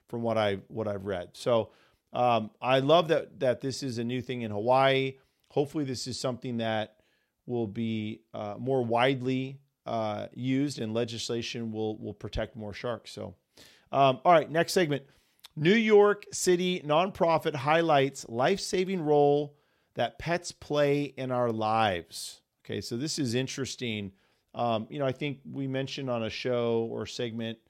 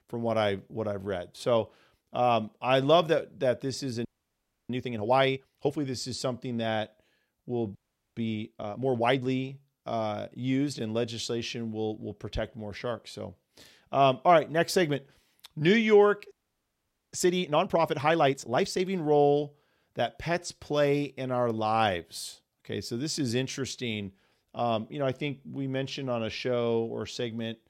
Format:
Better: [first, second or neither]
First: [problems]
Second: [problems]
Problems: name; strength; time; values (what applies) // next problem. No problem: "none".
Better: first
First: none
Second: audio freezing; at 4 s for 0.5 s, at 8 s and at 16 s for 1 s